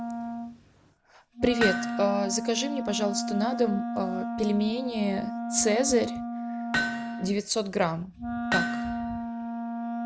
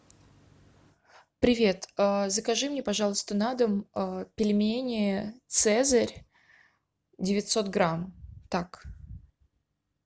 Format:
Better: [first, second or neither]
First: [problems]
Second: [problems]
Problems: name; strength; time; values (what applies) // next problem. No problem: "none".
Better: second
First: background sound (Hammer + Wind instrument, woodwind instrument); 2 dB below the speech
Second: none